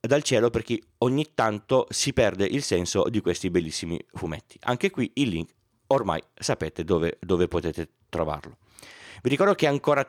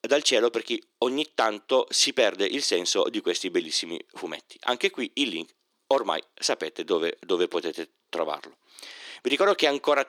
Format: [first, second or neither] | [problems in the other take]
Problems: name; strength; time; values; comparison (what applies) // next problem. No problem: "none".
first | thin; somewhat; fading below 300 Hz